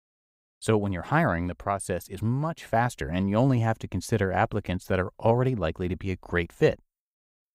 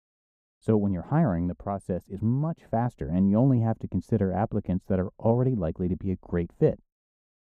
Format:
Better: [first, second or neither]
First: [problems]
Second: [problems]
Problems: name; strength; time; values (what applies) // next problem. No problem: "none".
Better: first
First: none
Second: muffled; very; fading above 1 kHz